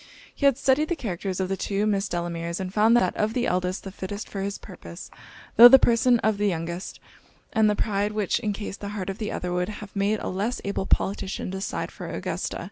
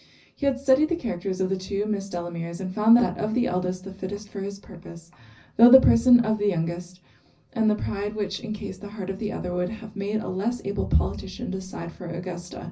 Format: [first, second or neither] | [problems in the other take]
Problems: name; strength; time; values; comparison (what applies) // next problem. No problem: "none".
first | room echo; dies away in 0.4 s